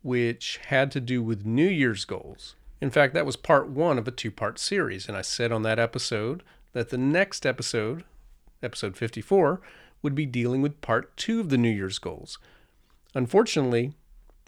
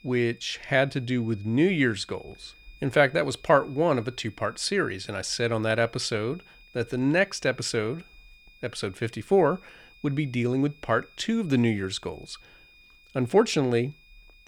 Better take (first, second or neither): first